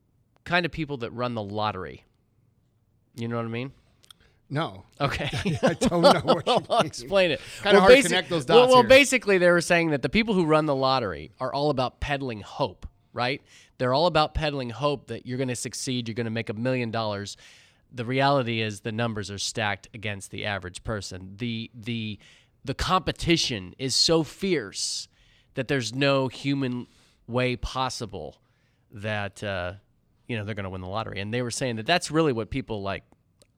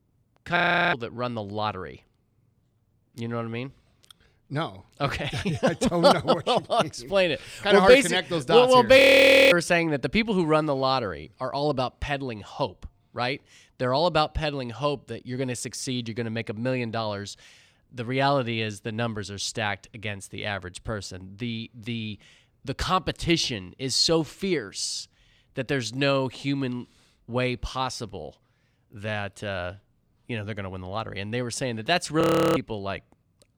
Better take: first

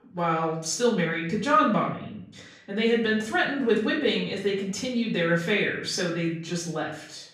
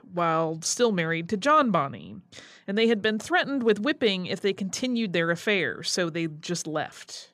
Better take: second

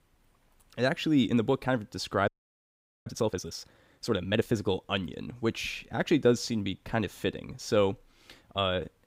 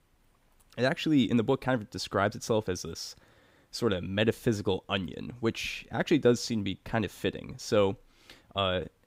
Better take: second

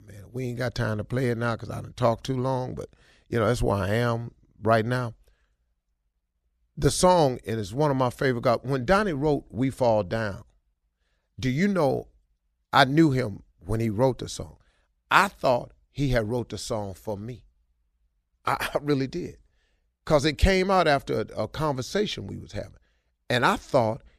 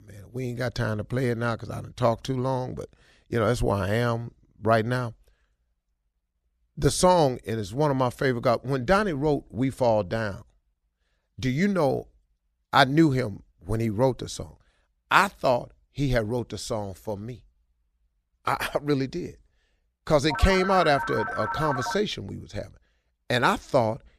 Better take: first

